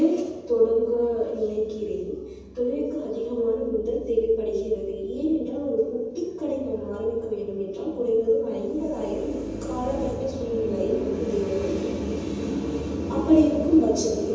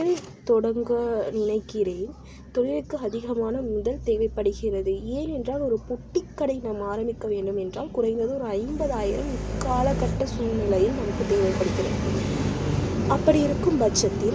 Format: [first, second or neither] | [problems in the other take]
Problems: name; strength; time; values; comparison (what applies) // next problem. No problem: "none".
second | room echo; dies away in 1.1 s